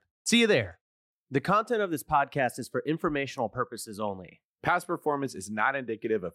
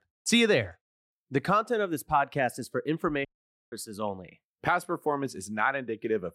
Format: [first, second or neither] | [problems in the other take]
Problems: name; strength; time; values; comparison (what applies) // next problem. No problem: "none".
first | audio cutting out; at 3.5 s